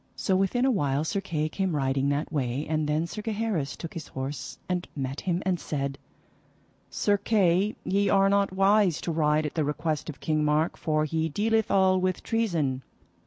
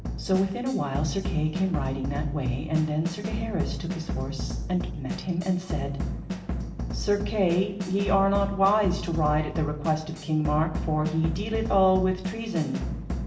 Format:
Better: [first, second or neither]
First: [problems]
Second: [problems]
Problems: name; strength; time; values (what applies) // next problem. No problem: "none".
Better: first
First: none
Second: background sound (Drum / Drum kit); 5 dB below the speech // room echo; dies away in 0.8 s